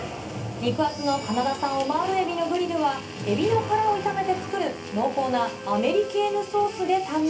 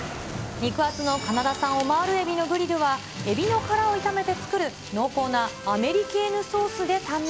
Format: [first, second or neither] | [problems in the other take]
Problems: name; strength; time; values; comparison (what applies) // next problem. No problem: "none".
second | background sound (Wind instrument, woodwind instrument); 18 dB below the speech // room echo; dies away in 0.3 s